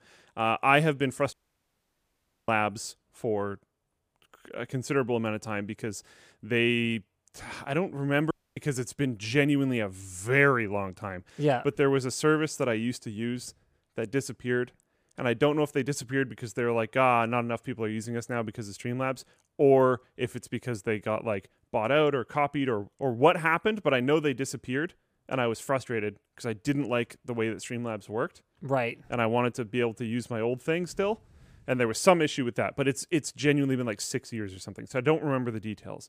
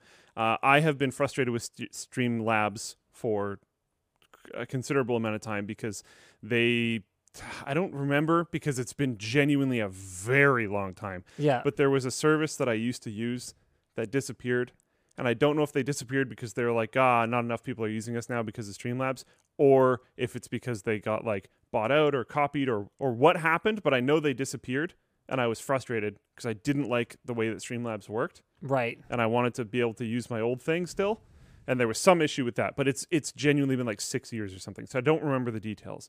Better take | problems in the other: second | audio cutting out; at 1.5 s for 1 s and at 8.5 s

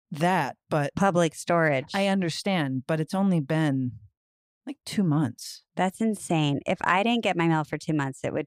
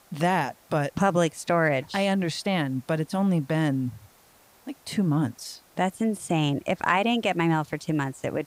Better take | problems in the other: first | hiss; faint; throughout; 30 dB below the speech

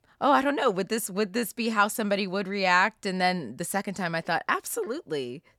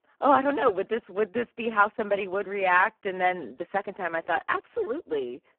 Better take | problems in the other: first | phone-call audio; poor line

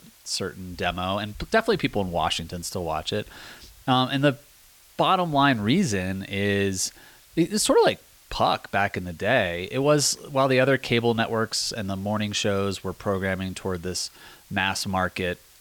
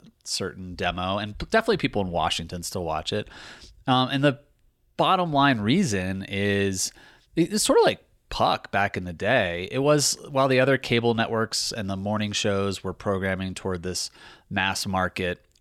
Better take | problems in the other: second | hiss; faint; throughout; 25 dB below the speech

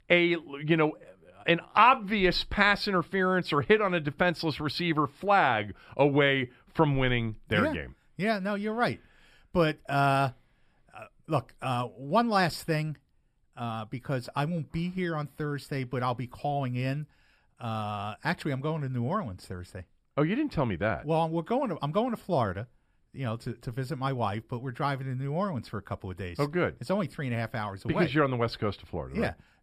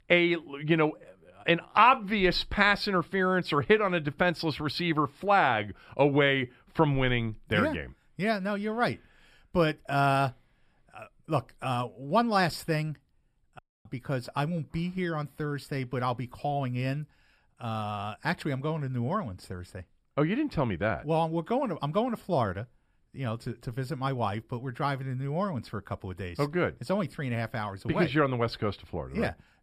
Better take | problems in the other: first | audio cutting out; at 14 s

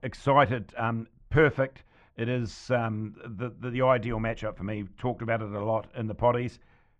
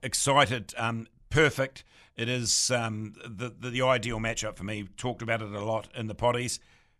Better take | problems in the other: second | muffled; very; fading above 1.5 kHz

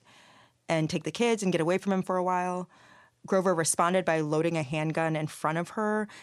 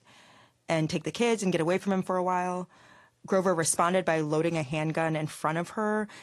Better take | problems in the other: first | garbled, watery; slightly

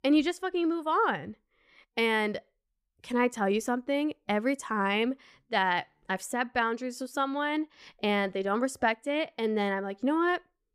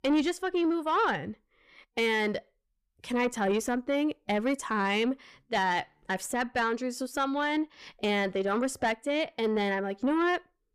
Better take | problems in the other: first | distortion; slight; 10 dB below the speech

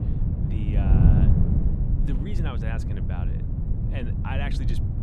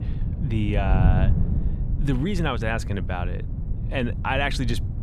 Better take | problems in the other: second | wind noise on the microphone; heavy; 2 dB above the speech; occasional gusts in the second

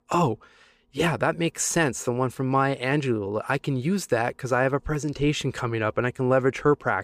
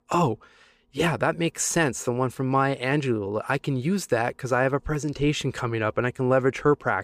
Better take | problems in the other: neither | none

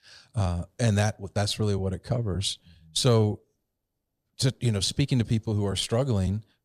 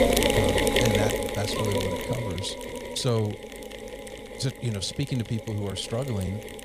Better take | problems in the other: first | machinery noise; very loud; throughout; 3 dB above the speech

